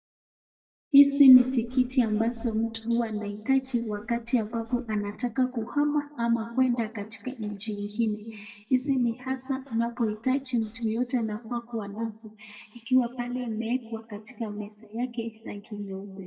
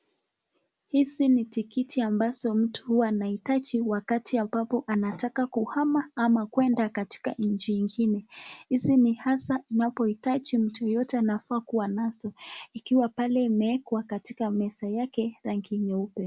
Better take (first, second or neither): second